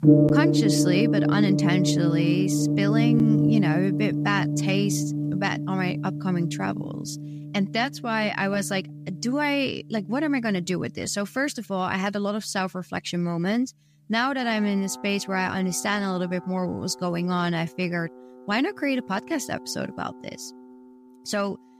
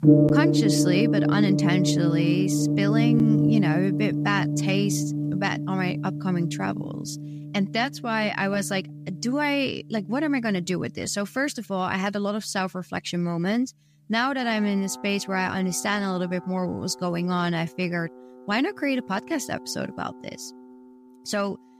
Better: neither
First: background music; very loud; throughout; 3 dB above the speech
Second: background music; very loud; throughout; 3 dB above the speech

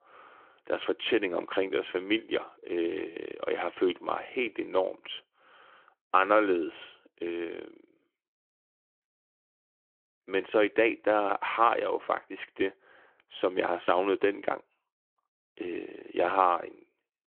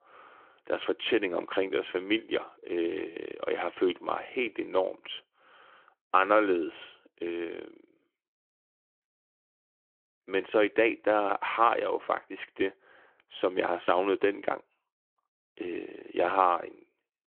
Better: neither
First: phone-call audio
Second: phone-call audio

